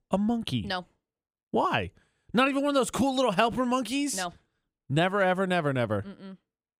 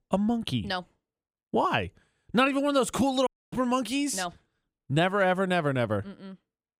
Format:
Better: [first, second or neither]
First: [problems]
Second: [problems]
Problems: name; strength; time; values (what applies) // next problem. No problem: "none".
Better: first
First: none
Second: audio cutting out; at 3.5 s